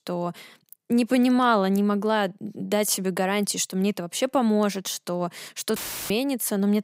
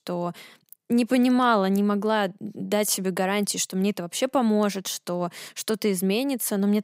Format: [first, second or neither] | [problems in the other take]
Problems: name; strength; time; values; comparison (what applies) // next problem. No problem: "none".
second | audio cutting out; filled with static; at 6 s